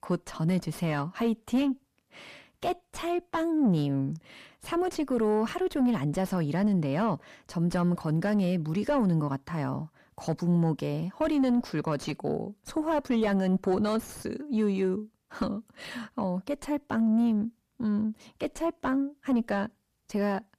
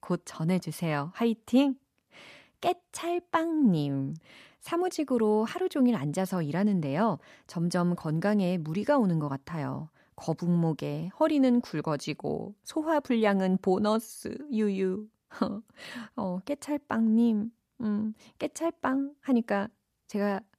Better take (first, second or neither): second